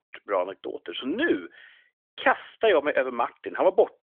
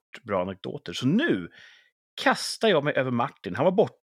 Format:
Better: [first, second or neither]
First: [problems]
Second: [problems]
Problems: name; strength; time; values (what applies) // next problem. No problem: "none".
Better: second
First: phone-call audio; nothing above 3.5 kHz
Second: none